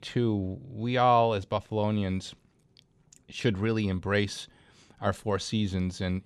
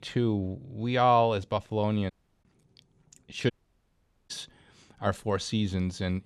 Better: first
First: none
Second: audio cutting out; at 2 s and at 3.5 s for 1 s

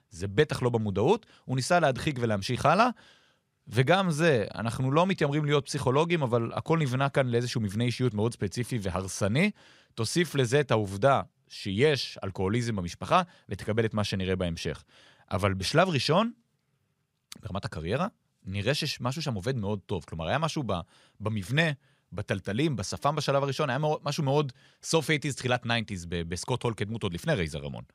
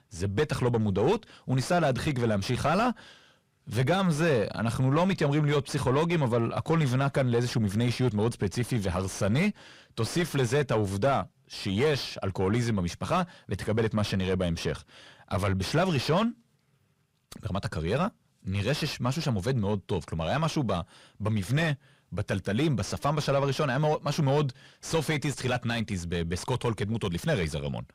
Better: first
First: none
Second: distortion; heavy; 8 dB below the speech

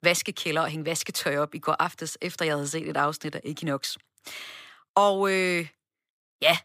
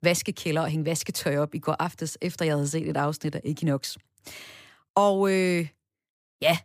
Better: second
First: thin; very slightly; fading below 350 Hz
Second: none

